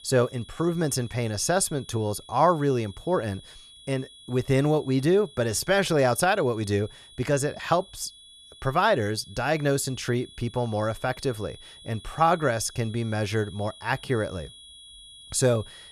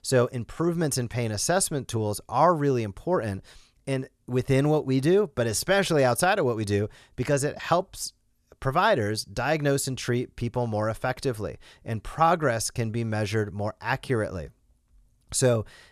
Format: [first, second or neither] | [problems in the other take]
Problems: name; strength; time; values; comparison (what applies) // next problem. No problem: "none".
second | high-pitched whine; faint; throughout; 3.5 kHz, 20 dB below the speech